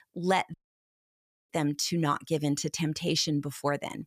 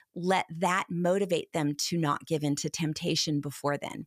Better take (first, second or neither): second